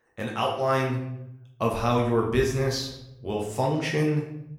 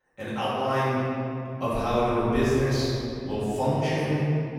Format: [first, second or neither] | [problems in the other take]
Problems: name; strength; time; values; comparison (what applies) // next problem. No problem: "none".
first | room echo; strong; dies away in 2.9 s; slight in the first // off-mic speech; far; somewhat distant in the first